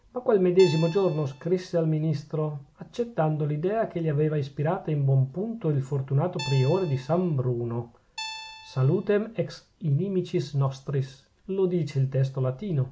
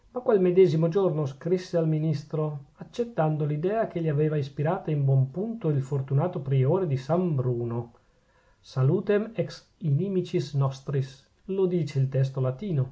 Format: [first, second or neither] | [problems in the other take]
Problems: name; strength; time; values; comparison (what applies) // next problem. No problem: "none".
second | background sound (Guitar); 14 dB below the speech